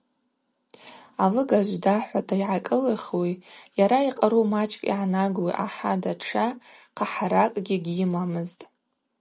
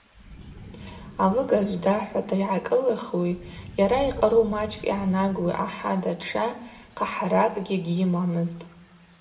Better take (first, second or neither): first